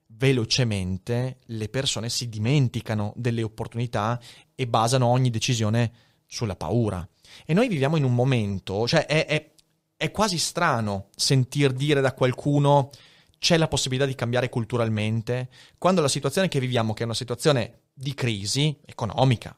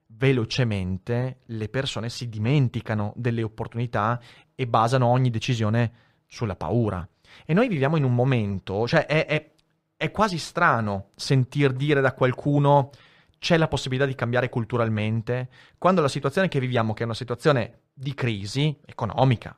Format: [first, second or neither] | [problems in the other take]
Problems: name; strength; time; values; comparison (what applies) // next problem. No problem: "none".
first | muffled; slightly; fading above 4 kHz